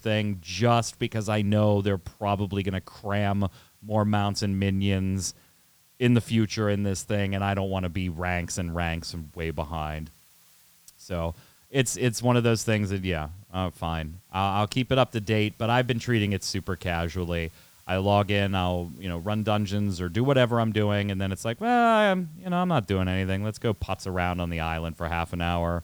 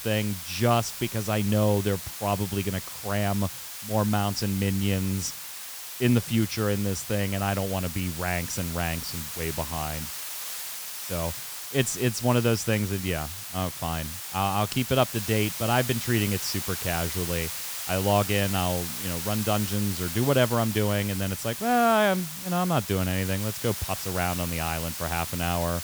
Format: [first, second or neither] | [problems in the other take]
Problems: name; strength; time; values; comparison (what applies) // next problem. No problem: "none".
first | hiss; loud; throughout; 5 dB below the speech; faint in the first